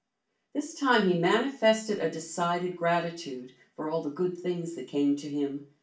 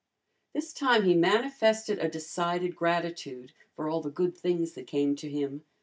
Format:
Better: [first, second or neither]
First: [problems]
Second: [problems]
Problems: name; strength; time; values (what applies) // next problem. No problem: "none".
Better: second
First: room echo; dies away in 0.3 s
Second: none